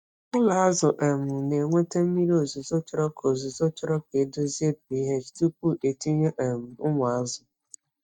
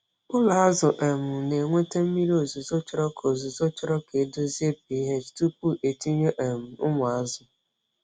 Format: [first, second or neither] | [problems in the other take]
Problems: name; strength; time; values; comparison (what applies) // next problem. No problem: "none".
second | noise reduction (neural mask model DeepFilterNet 3)